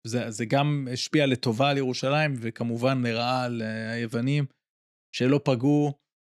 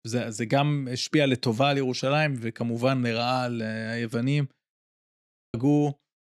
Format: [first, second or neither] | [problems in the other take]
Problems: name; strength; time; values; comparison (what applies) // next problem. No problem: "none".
first | audio freezing; at 5 s